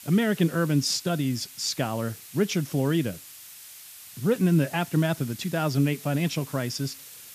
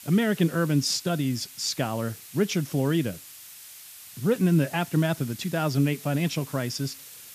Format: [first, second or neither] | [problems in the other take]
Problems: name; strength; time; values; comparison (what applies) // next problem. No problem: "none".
neither | hiss; noticeable; throughout; 15 dB below the speech; the same in both